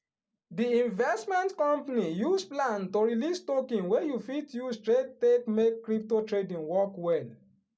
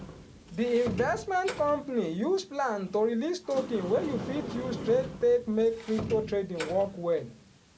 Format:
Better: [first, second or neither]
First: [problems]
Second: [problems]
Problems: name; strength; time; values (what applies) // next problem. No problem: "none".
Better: first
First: none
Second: background sound (Sliding door); 11 dB below the speech